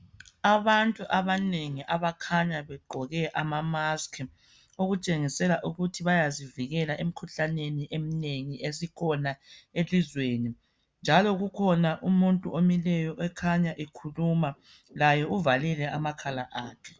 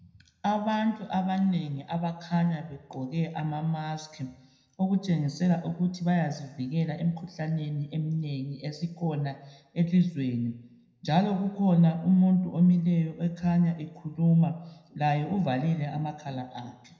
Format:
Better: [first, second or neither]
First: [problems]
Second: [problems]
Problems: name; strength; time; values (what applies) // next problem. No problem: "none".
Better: first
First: none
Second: room echo; dies away in 0.7 s